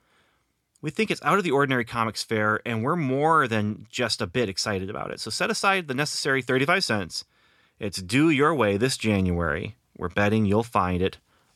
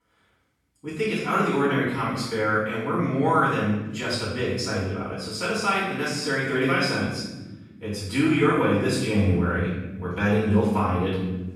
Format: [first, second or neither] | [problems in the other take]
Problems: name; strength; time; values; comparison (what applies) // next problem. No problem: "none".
first | off-mic speech; far // room echo; strong; dies away in 1.4 s